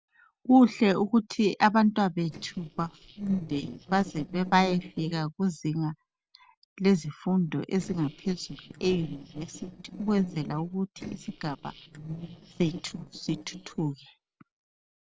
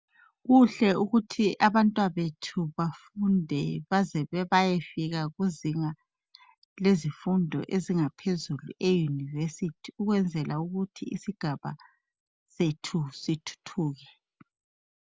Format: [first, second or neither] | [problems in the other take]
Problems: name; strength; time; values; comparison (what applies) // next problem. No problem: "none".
second | noise reduction (neural separator model SepFormer DNS4)